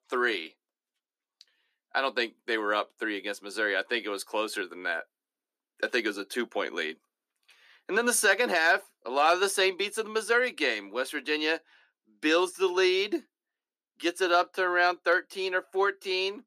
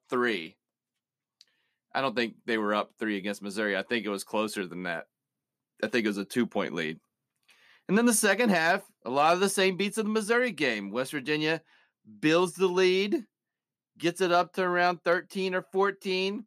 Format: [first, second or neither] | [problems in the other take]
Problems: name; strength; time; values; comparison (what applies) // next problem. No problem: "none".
second | thin; somewhat; fading below 300 Hz